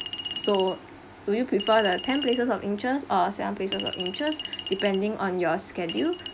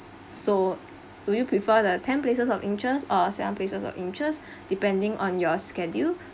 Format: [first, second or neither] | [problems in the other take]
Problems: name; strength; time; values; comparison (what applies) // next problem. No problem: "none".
second | background sound (Chink, clink); 11 dB below the speech